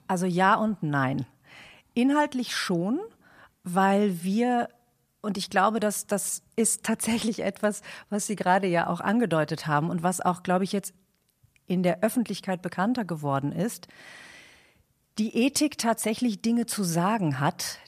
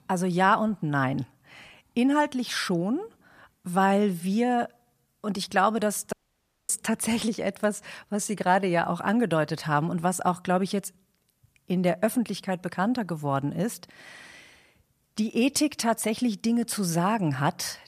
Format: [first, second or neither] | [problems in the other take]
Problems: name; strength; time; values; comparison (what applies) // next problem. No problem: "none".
first | audio cutting out; at 6 s for 0.5 s